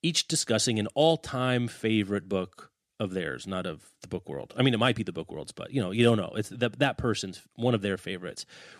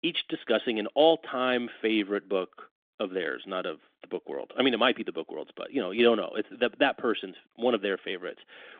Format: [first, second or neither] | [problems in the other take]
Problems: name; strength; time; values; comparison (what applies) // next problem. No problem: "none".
first | phone-call audio; nothing above 3.5 kHz